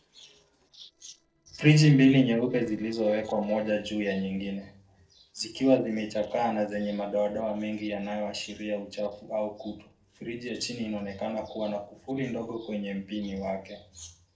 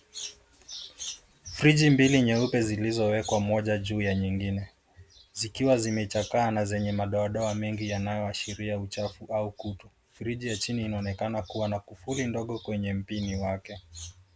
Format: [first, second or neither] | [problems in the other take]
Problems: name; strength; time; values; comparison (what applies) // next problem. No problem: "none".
second | noise reduction (neural separator model SepFormer DNS4)